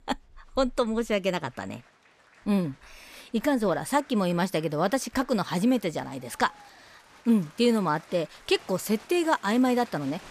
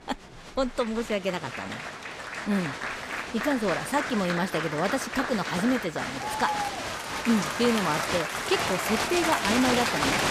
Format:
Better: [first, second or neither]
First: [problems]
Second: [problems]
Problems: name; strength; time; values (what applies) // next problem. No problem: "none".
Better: first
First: crowd noise; faint; throughout; 25 dB below the speech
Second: crowd noise; loud; throughout; 1 dB below the speech